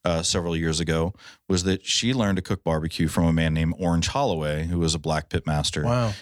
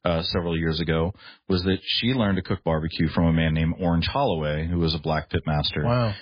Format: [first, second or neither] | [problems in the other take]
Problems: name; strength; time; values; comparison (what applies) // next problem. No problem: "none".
first | garbled, watery; badly; nothing above 4 kHz